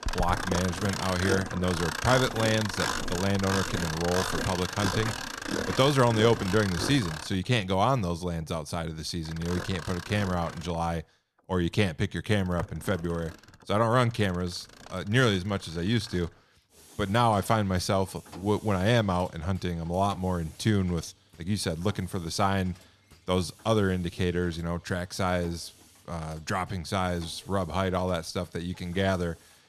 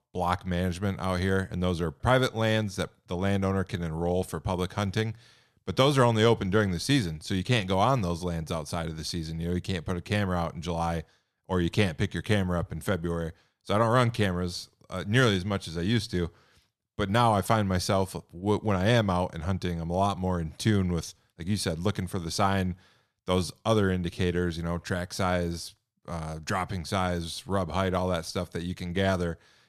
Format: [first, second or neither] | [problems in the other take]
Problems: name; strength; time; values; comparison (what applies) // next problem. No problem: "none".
second | machinery noise; loud; throughout; 5 dB below the speech